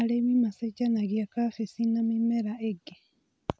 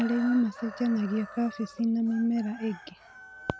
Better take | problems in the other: first | background sound (Chicken, rooster); 17 dB below the speech

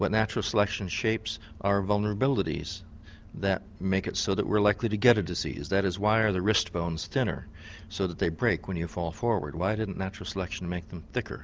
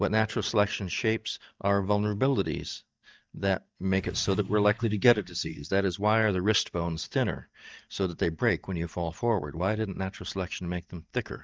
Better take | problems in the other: first | noise reduction (neural mask model DeepFilterNet 3)

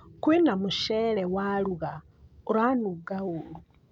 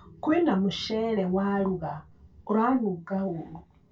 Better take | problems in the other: first | room echo; dies away in 0.2 s

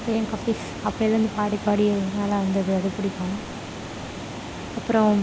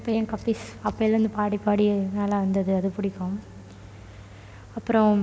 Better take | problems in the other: second | background sound (Water); 10 dB below the speech

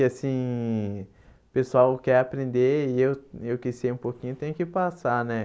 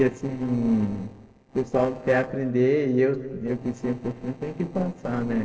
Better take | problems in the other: first | noise reduction (neural separator model SepFormer DNS4)

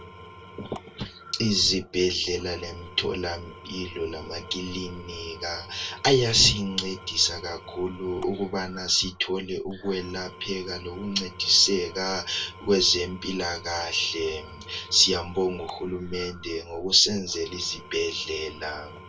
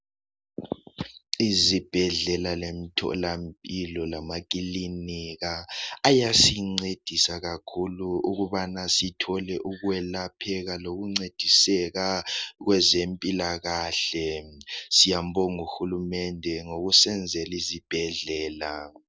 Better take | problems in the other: second | background sound (Engine / Tools); 18 dB below the speech // room echo; dies away in 0.1 s

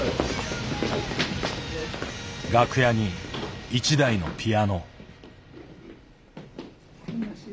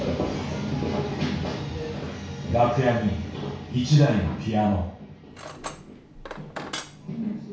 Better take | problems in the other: first | background sound (Cutlery, silverware); 14 dB below the speech // room echo; dies away in 0.6 s

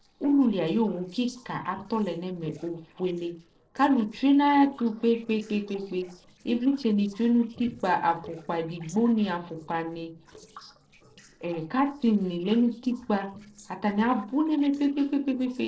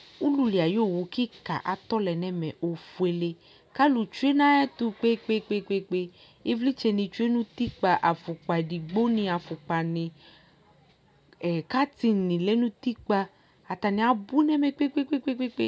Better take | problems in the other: second | noise reduction (neural separator model SepFormer DNS4)

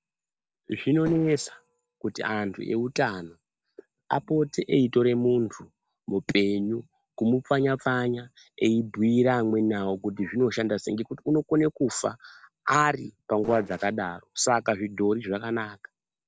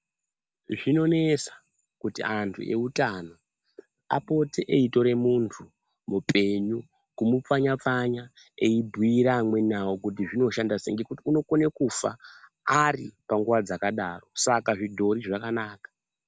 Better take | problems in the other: second | noise reduction (neural separator model SepFormer DNS4)

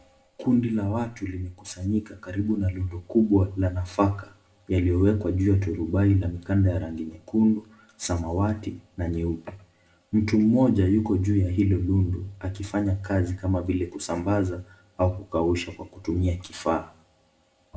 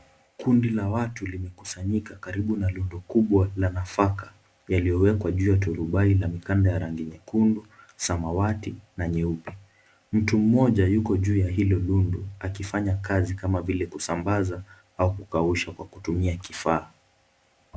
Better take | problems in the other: second | room echo; dies away in 0.4 s

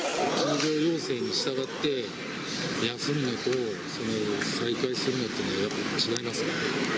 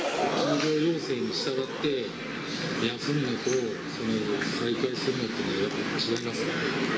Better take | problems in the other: first | background sound (Tambourine); 20 dB below the speech // room echo; dies away in 1.9 s

